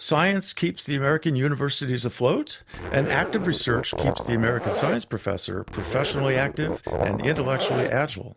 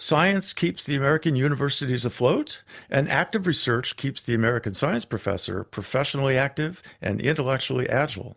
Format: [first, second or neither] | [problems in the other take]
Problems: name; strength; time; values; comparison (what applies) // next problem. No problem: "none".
second | background sound (Zipper (clothing)); 5 dB below the speech